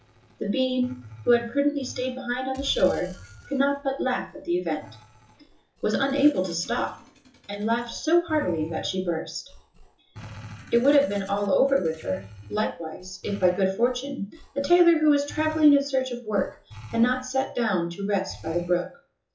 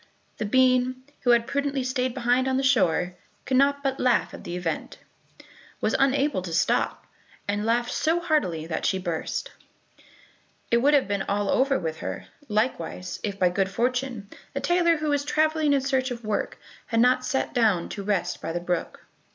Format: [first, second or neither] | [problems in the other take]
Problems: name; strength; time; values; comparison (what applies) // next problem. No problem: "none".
second | noise reduction (classical method WPE with log-MMSE)